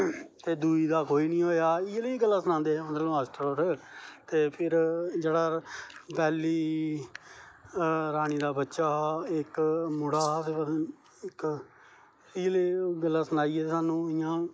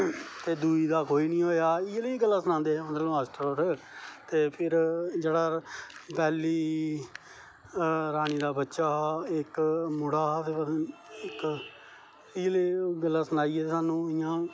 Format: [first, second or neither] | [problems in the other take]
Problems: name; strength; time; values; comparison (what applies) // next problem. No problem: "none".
second | noise reduction (neural mask model Resemble Enhance denoiser)